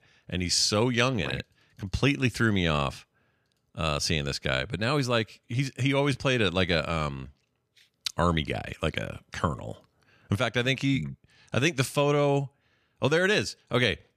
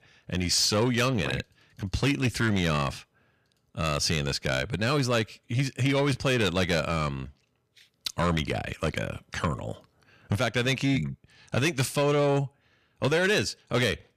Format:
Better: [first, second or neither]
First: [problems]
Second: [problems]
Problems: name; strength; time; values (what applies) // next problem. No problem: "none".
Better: first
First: none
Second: distortion; slight; 10 dB below the speech